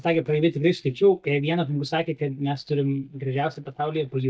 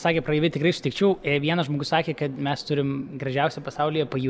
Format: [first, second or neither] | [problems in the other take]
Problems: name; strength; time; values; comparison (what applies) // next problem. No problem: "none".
second | noise reduction (neural mask model DeepFilterNet 3)